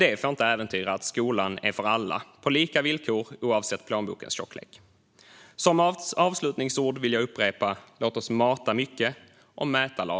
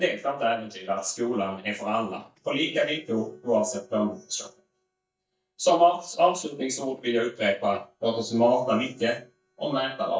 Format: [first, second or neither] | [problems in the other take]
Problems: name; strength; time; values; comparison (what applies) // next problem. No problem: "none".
first | noise reduction (neural mask model DeepFilterNet 3)